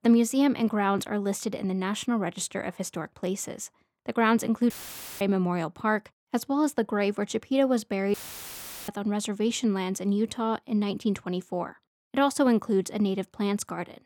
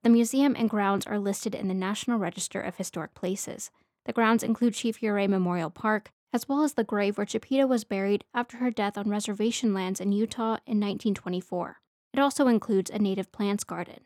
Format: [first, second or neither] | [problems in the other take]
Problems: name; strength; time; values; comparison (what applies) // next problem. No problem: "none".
second | audio cutting out; filled with static; at 4.5 s for 0.5 s and at 8 s for 0.5 s